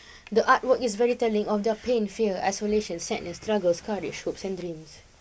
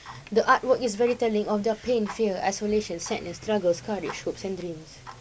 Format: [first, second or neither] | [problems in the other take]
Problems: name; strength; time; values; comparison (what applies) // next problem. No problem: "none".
first | background sound (Tick-tock); 20 dB below the speech